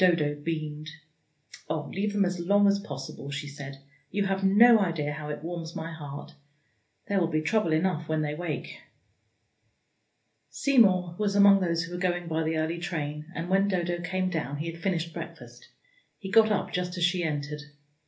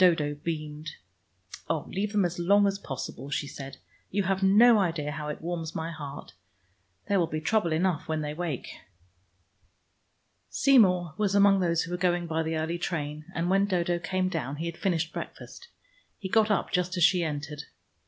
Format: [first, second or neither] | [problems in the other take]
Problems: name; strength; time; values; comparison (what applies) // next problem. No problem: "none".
second | room echo; dies away in 0.3 s